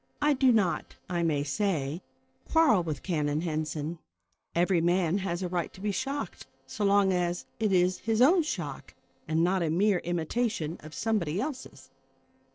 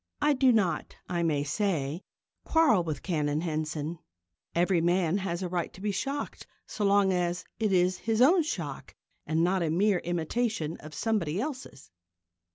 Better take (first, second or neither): second